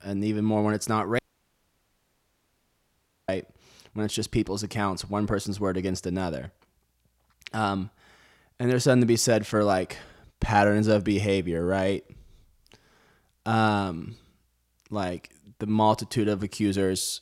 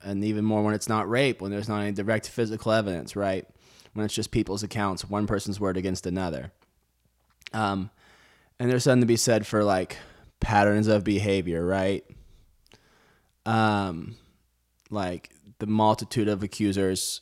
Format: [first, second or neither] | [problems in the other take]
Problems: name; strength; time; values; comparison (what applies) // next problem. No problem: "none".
second | audio cutting out; at 1 s for 2 s